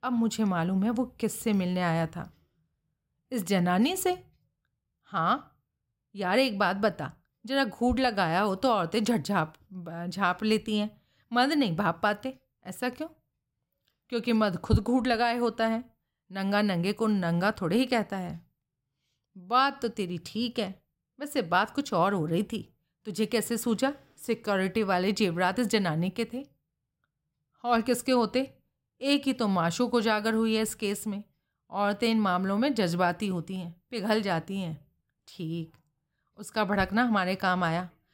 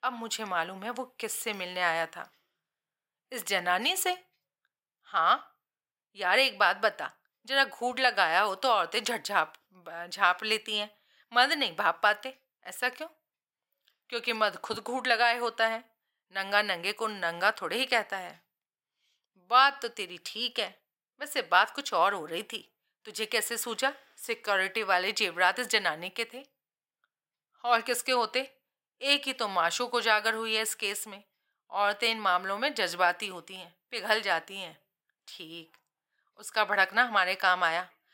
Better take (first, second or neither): first